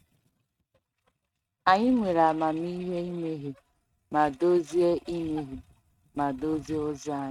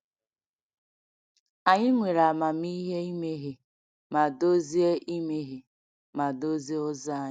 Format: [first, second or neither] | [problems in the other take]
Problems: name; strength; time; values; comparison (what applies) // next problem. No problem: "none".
second | noise reduction (neural mask model RNNoise)